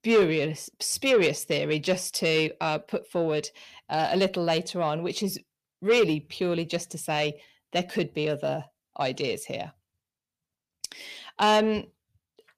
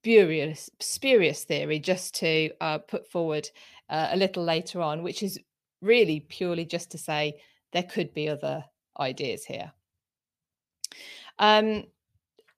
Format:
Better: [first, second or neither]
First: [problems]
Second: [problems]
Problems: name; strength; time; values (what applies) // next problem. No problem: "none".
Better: second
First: distortion; slight; 10 dB below the speech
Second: none